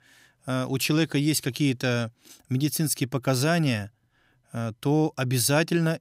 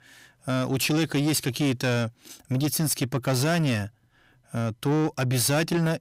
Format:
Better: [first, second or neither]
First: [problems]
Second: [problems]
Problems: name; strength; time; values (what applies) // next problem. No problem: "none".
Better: first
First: none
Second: distortion; slight; 10 dB below the speech